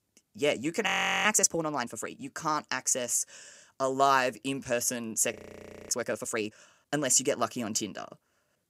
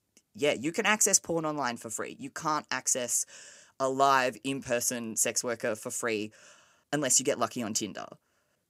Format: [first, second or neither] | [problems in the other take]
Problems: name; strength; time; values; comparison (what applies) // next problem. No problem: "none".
second | audio freezing; at 1 s and at 5.5 s for 0.5 s